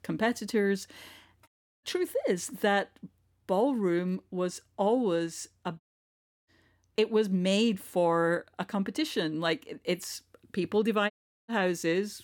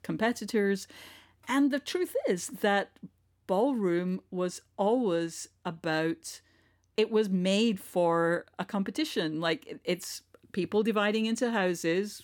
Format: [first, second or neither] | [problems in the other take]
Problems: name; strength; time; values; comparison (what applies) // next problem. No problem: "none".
second | audio cutting out; at 1.5 s, at 6 s for 0.5 s and at 11 s